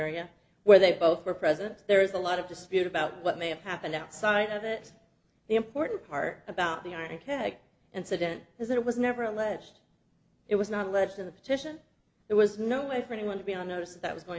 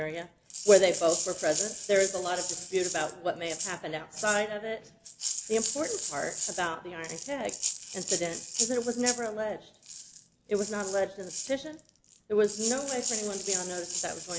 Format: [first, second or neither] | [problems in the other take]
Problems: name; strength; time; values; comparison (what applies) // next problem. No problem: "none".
first | background sound (Rattle (instrument)); 5 dB below the speech